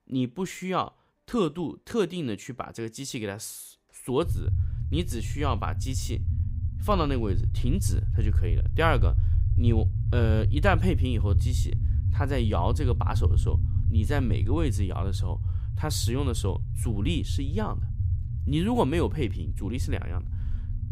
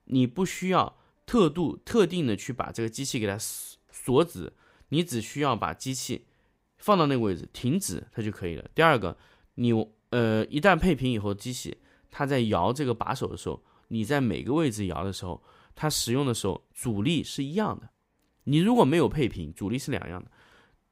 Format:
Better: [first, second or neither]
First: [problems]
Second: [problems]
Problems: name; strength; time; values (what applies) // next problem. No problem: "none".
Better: second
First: low rumble; noticeable; from 4.5 s on; 10 dB below the speech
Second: none